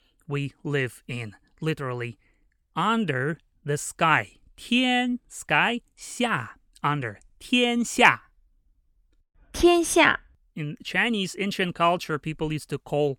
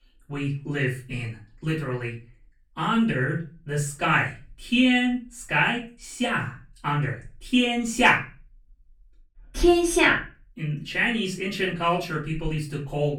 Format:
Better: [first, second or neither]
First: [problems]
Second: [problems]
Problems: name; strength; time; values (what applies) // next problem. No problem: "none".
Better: first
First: none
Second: room echo; slight; dies away in 0.3 s // off-mic speech; far